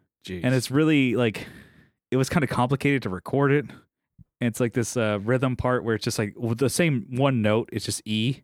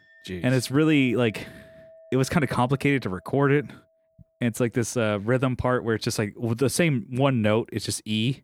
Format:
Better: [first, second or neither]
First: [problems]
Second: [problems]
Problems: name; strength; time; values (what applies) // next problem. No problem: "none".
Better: first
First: none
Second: household noises; faint; throughout; 30 dB below the speech